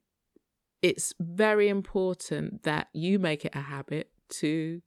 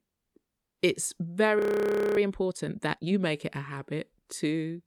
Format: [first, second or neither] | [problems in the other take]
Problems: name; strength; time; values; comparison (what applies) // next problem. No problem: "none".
first | audio freezing; at 1.5 s for 0.5 s